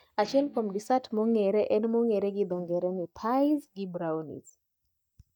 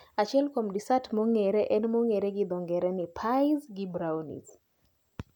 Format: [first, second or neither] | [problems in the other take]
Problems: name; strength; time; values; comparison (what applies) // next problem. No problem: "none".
second | noise reduction (neural mask model DeepFilterNet 3)